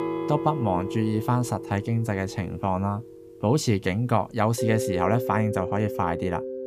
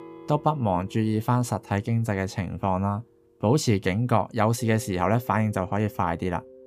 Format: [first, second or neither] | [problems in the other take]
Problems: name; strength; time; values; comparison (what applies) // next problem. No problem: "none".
second | background music; loud; throughout; 7 dB below the speech; faint in the second